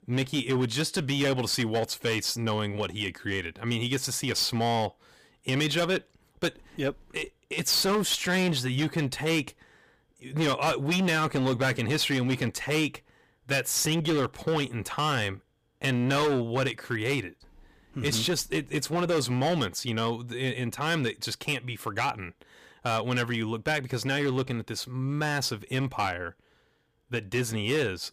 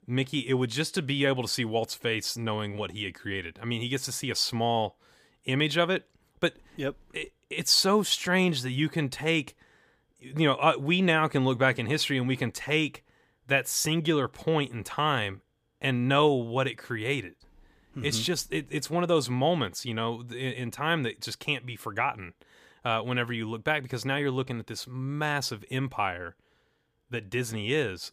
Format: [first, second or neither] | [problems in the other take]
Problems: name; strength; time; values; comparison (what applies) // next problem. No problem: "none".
second | distortion; heavy; 11% of the sound clipped